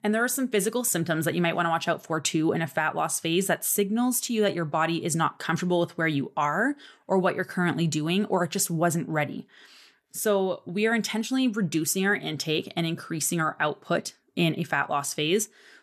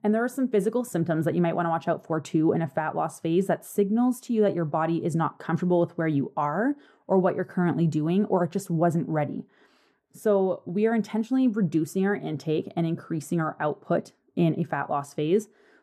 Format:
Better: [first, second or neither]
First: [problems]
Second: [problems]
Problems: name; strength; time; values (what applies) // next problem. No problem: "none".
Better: first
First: none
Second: muffled; very; fading above 1.5 kHz